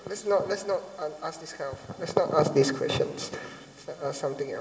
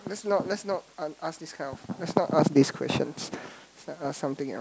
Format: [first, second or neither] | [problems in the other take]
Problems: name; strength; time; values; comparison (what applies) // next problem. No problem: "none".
second | room echo; dies away in 2.6 s